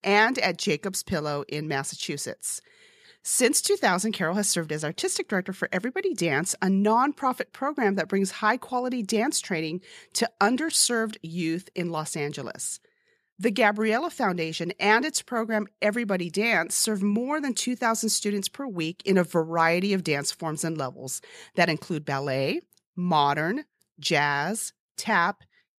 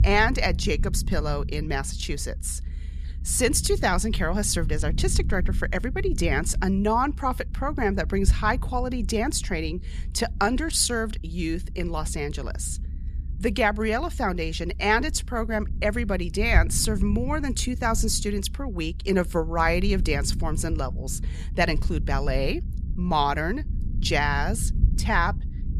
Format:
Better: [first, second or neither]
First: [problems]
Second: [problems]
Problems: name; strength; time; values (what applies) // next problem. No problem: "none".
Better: first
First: none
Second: low rumble; faint; throughout; 20 dB below the speech